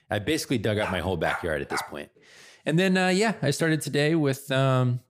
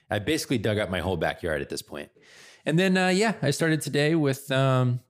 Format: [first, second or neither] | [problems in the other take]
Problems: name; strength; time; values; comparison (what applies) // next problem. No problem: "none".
second | dog barking; noticeable; from 1 to 2 s; peak 8 dB below the speech